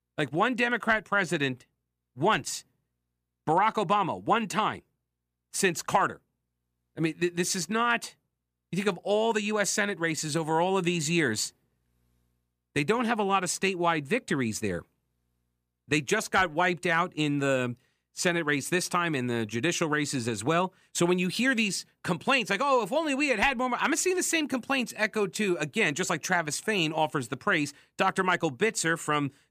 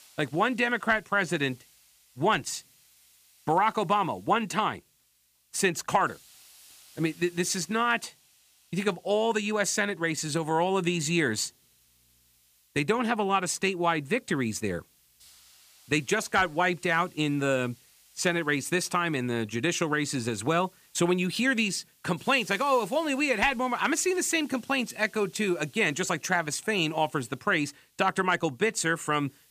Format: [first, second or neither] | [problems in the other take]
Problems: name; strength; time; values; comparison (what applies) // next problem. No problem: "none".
first | hiss; faint; throughout; 30 dB below the speech